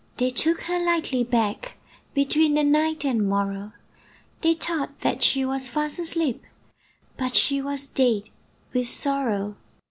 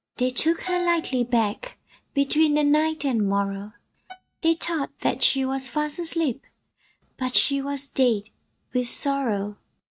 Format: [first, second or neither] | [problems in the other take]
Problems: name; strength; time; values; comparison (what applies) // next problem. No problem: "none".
first | noise reduction (neural mask model RNNoise)